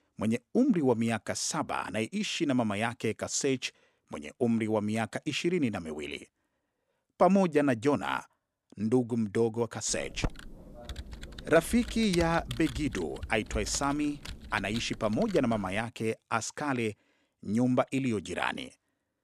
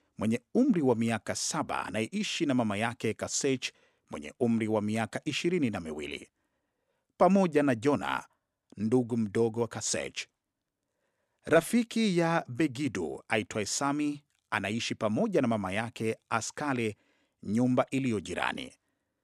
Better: second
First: keyboard typing; noticeable; from 10 to 16 s; peak 7 dB below the speech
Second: none

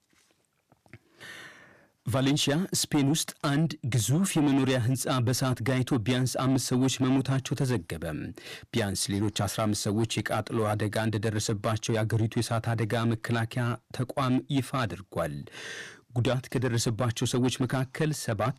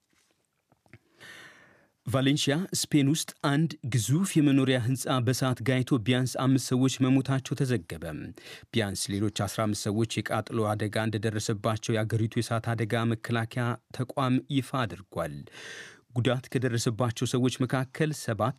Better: second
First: distortion; slight; 10 dB below the speech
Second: none

